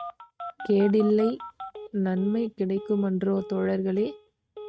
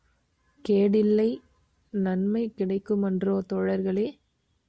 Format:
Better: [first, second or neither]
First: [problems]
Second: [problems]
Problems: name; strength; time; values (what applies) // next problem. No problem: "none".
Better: second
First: noise reduction (neural mask model RNNoise)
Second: none